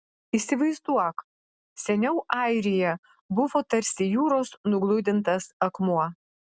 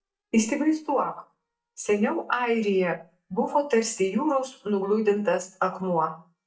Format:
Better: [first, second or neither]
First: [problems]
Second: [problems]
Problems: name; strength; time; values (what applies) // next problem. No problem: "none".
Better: first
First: none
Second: noise reduction (neural mask model DeepFilterNet 3)